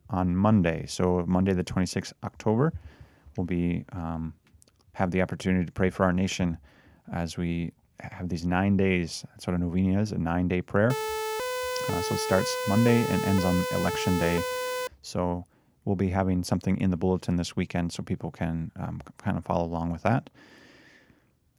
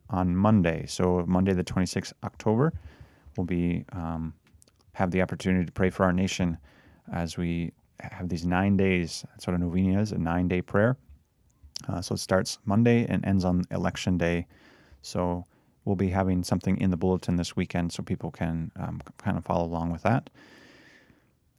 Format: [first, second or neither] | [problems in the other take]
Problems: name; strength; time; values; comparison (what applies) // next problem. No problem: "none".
second | siren; noticeable; from 11 to 15 s; peak 3 dB below the speech